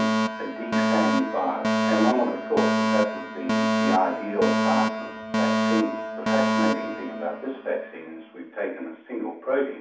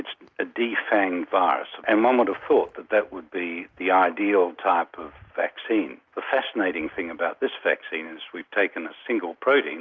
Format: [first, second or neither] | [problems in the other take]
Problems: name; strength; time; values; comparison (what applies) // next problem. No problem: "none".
second | background sound (Alarm); 2 dB above the speech // room echo; dies away in 0.7 s